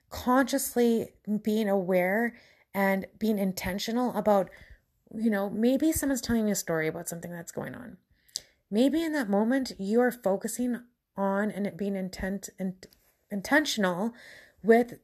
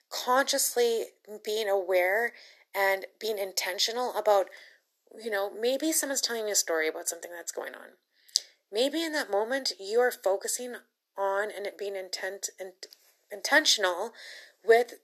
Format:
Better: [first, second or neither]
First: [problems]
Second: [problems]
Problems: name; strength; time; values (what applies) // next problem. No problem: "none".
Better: first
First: none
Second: thin; very; fading below 350 Hz